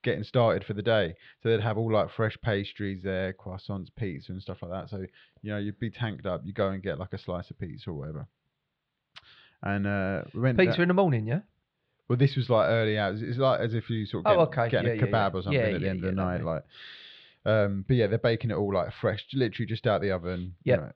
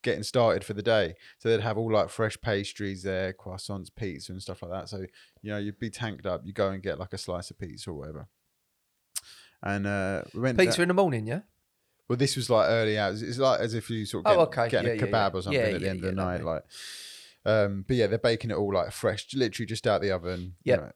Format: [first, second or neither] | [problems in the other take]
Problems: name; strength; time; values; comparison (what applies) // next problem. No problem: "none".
second | muffled; slightly; fading above 3.5 kHz